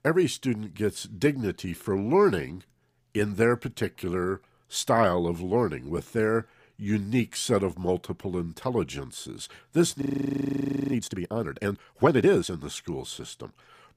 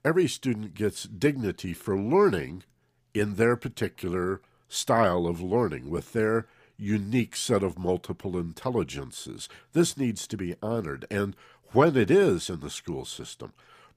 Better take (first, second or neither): second